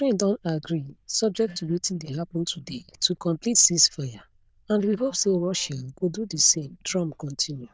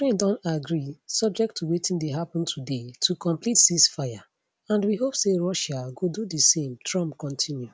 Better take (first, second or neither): second